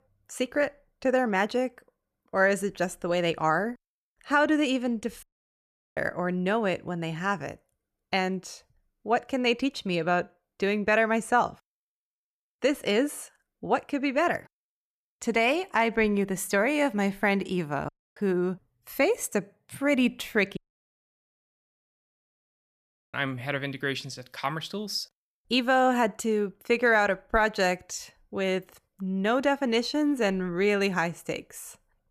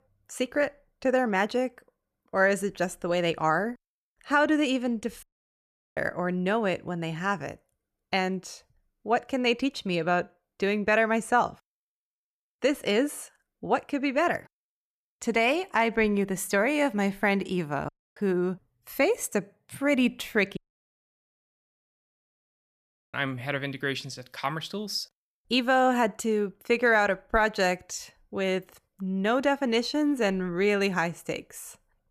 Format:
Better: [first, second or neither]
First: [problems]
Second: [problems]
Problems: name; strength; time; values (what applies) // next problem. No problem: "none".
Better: neither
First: audio cutting out; at 5 s for 0.5 s, at 18 s and at 21 s for 2.5 s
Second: audio cutting out; at 5 s for 0.5 s, at 18 s and at 21 s for 2.5 s